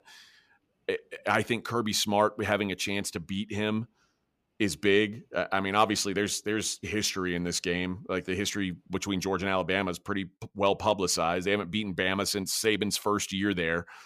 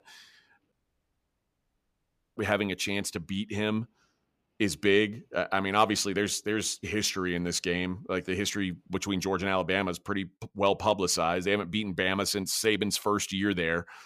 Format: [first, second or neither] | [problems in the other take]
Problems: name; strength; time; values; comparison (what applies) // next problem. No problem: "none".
first | audio cutting out; at 0.5 s for 1.5 s